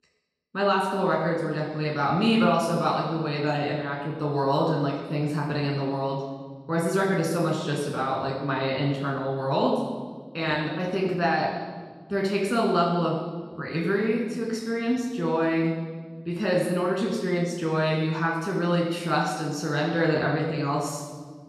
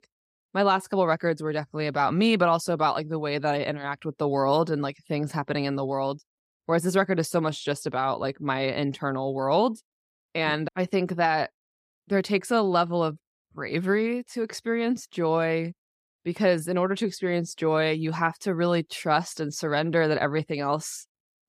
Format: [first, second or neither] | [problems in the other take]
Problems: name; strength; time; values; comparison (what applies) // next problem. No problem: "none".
second | off-mic speech; far // room echo; noticeable; dies away in 1.3 s